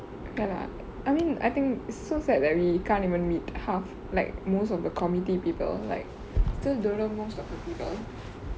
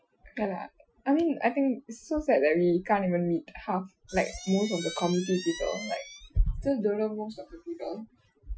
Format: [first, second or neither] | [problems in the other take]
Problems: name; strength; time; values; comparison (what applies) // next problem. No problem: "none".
first | noise reduction (classical method Wiener filter)